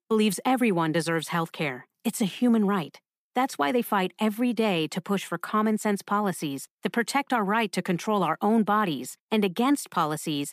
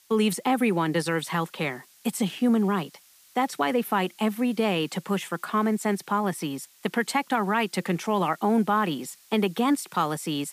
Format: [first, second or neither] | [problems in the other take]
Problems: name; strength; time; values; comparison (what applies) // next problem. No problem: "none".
first | hiss; faint; throughout; 25 dB below the speech